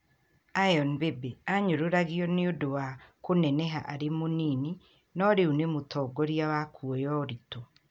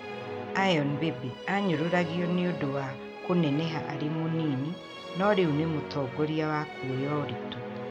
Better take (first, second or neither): first